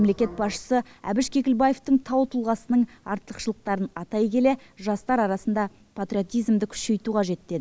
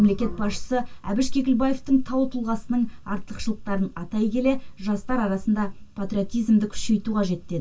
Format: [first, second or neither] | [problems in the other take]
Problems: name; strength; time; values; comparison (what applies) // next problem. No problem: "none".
first | room echo; dies away in 0.1 s